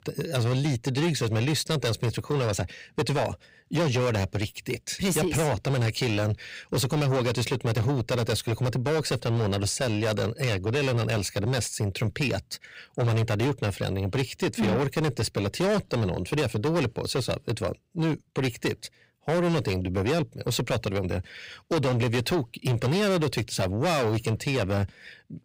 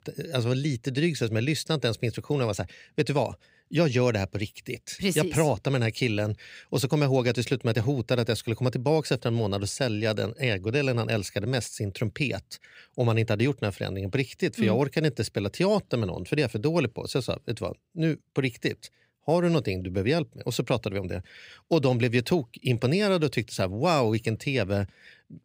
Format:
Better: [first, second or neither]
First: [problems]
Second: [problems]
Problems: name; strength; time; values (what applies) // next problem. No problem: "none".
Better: second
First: distortion; heavy; 6 dB below the speech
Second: none